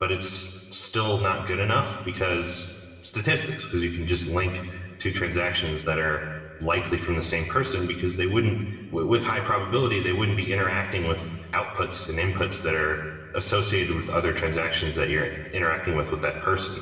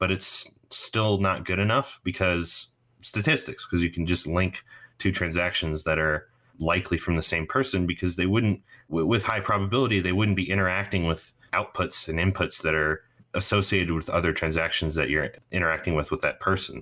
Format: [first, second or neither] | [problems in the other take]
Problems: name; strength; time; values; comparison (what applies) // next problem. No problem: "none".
second | room echo; dies away in 2.2 s